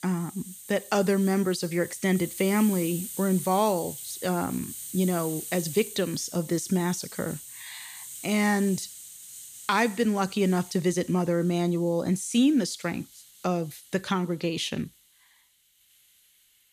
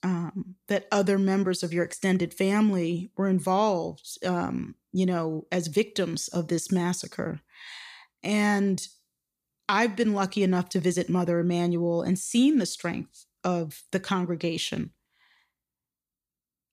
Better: second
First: hiss; noticeable; throughout; 10 dB below the speech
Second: none

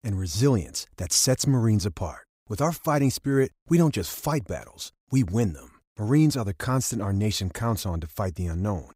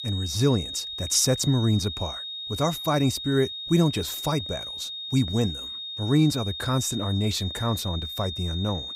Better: first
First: none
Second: high-pitched whine; loud; throughout; 3.5 kHz, 7 dB below the speech

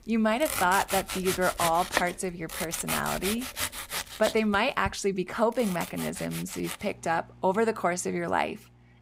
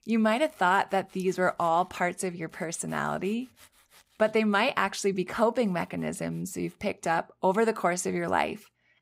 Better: second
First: household noises; loud; throughout; 5 dB below the speech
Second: household noises; faint; throughout; 30 dB below the speech

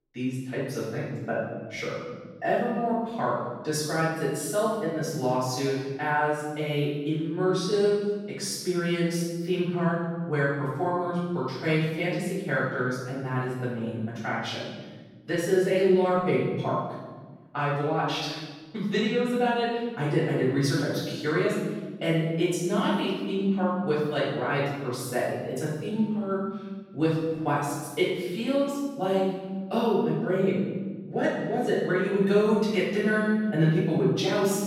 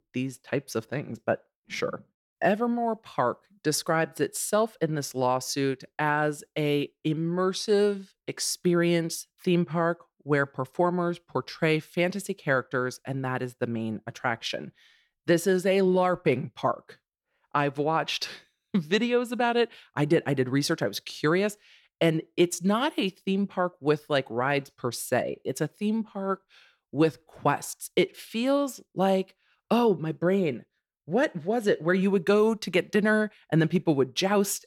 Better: second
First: off-mic speech; far // room echo; strong; dies away in 1.3 s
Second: none

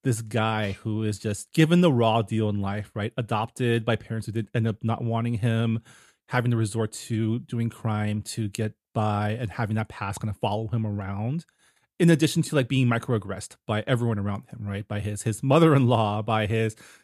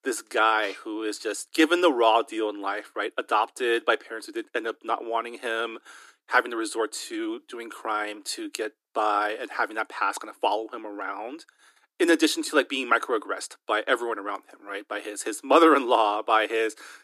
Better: first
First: none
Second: thin; very; fading below 300 Hz

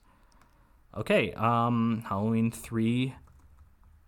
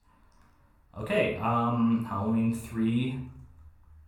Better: first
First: none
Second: off-mic speech; far // room echo; noticeable; dies away in 0.4 s

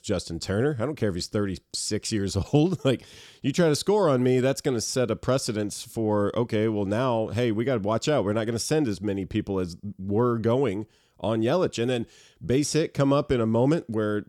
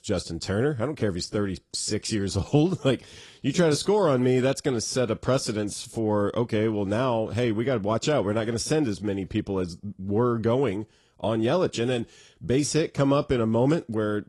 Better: first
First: none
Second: garbled, watery; slightly

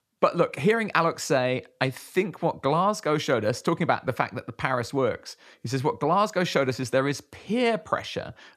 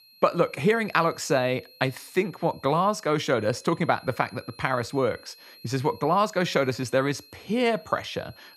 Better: first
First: none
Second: high-pitched whine; faint; throughout; 4 kHz, 25 dB below the speech

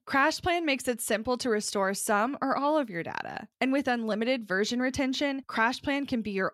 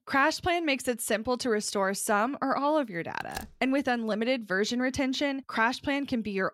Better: first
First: none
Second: door banging; faint; at 3 s; peak 15 dB below the speech

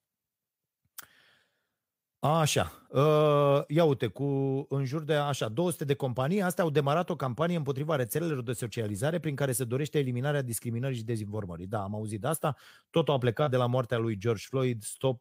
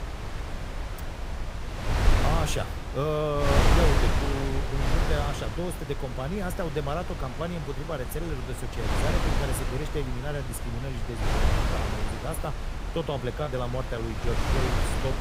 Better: first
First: none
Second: wind noise on the microphone; heavy; as loud as the speech

